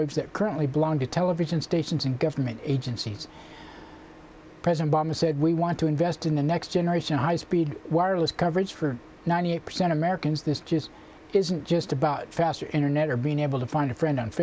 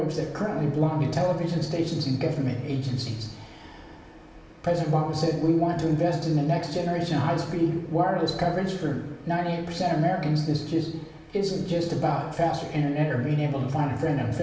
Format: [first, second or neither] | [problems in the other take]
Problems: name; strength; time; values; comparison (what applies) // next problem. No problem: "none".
first | room echo; dies away in 0.9 s